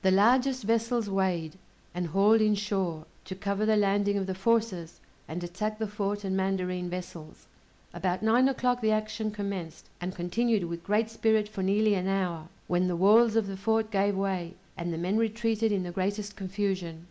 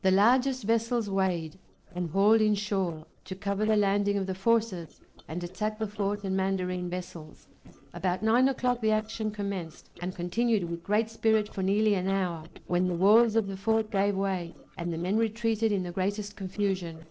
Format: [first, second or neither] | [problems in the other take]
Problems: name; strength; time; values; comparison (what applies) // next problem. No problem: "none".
first | noise reduction (neural separator model SepFormer DNS4)